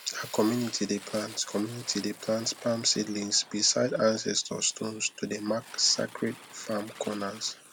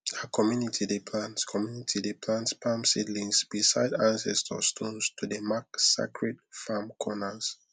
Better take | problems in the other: second | background sound (Fire); 18 dB below the speech

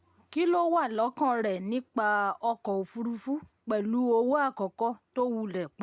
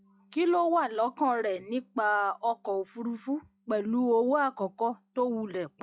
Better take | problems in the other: first | noise reduction (classical method log-MMSE)

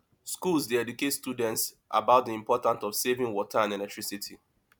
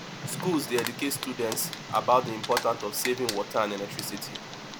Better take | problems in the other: first | background sound (Tick + Crumpling, crinkling); 7 dB below the speech

